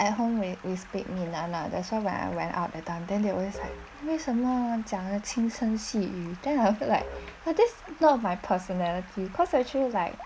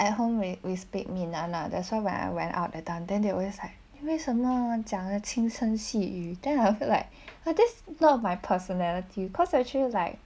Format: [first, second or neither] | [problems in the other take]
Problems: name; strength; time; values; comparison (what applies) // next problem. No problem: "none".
second | background sound (Musical instrument + Stream); 18 dB below the speech